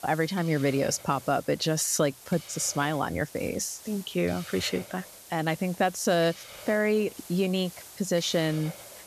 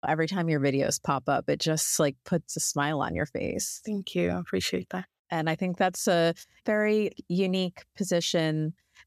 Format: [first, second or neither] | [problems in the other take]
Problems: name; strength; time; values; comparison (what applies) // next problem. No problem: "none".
second | hiss; noticeable; throughout; 15 dB below the speech